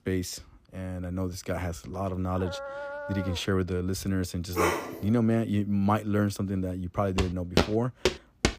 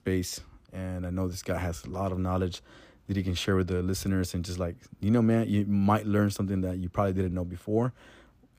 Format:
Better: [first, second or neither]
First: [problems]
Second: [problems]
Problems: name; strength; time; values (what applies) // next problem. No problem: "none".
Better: second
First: dog barking; noticeable; from 2.5 to 3.5 s; peak 7 dB below the speech // dog barking; loud; at 4.5 s; peak 2 dB above the speech // footsteps; loud; from 7 s on; peak 2 dB above the speech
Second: none